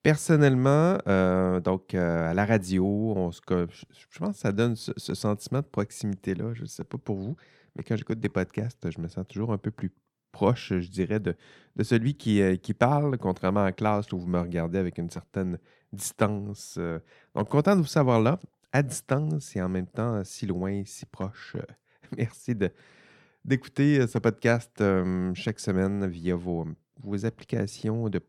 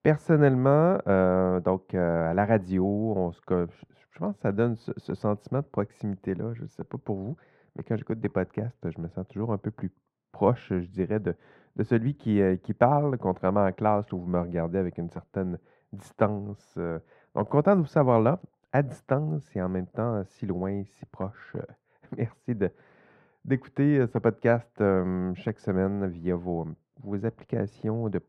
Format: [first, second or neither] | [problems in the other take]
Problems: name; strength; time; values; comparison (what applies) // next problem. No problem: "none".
first | muffled; very; fading above 3 kHz